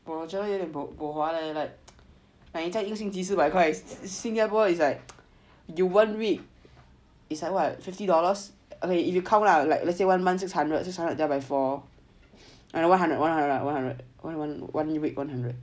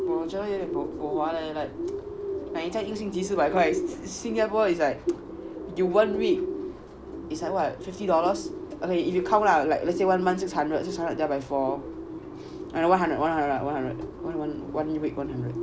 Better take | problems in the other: first | background sound (Bird); 7 dB below the speech

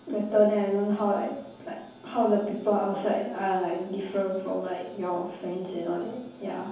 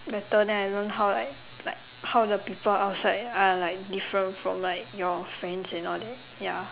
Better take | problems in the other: second | room echo; dies away in 0.9 s

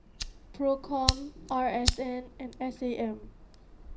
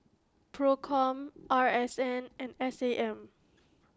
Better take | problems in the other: second | background sound (Fire); 3 dB below the speech // room echo; dies away in 0.4 s

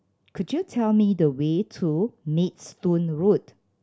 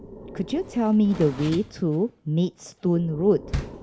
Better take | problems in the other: first | background sound (Breathing + Door); 13 dB below the speech

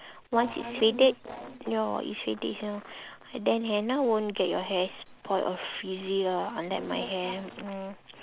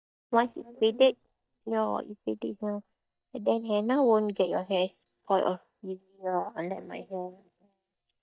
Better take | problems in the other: first | noise reduction (neural mask model DeepFilterNet 3)

